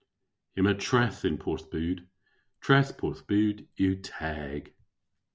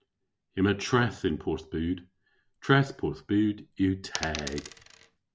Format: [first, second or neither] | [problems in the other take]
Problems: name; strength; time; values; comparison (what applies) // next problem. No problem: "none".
first | background sound (Coin (dropping)); 10 dB below the speech